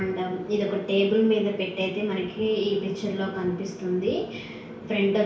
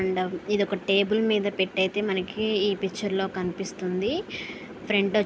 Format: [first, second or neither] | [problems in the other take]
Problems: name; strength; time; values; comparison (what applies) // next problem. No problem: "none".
second | room echo; dies away in 0.6 s